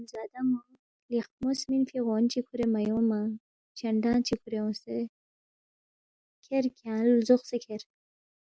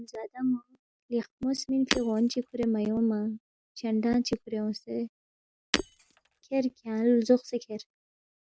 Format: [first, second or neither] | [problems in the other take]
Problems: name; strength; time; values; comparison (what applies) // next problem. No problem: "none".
first | background sound (Shatter); 7 dB below the speech